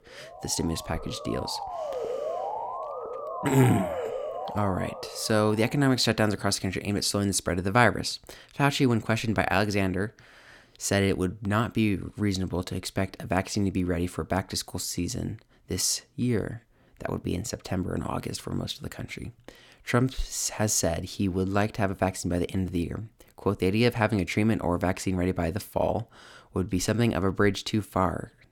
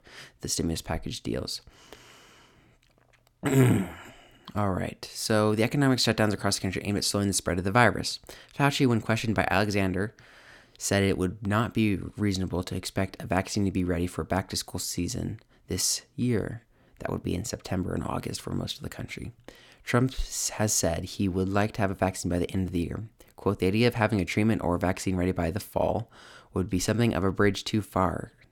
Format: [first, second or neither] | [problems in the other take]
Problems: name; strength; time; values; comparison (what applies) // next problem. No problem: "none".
second | siren; noticeable; until 6 s; peak 4 dB below the speech